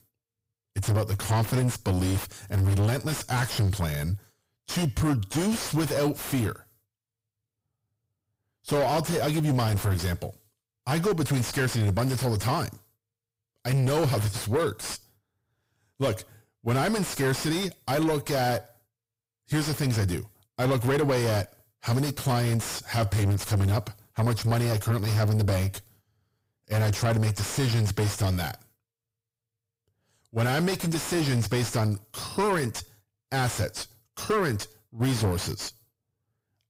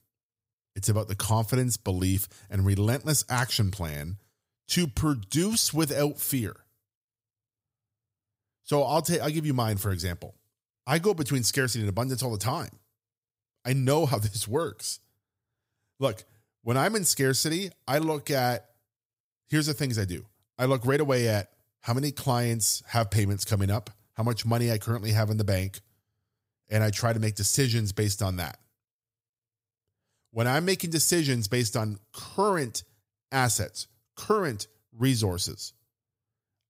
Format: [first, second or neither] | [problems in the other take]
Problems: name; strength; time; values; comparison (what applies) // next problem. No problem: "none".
second | distortion; heavy; 5 dB below the speech